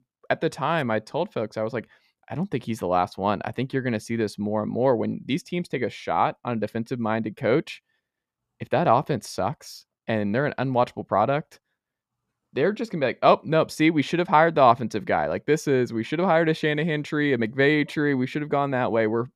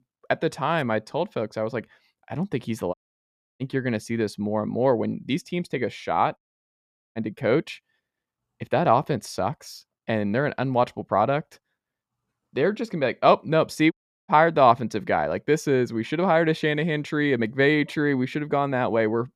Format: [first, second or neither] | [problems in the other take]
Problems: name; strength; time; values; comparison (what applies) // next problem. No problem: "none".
first | audio cutting out; at 3 s for 0.5 s, at 6.5 s for 1 s and at 14 s